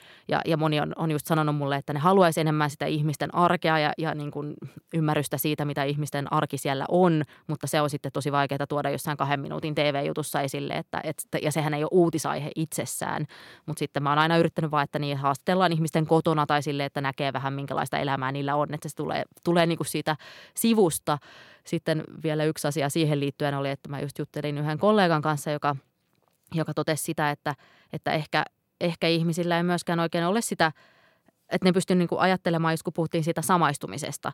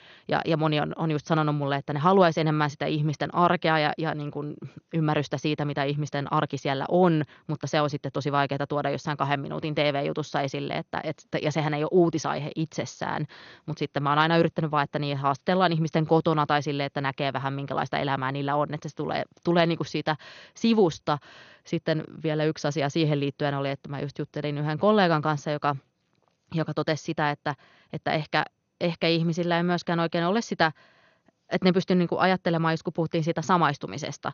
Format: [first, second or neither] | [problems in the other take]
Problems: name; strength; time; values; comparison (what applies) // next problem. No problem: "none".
first | garbled, watery; slightly; nothing above 6.5 kHz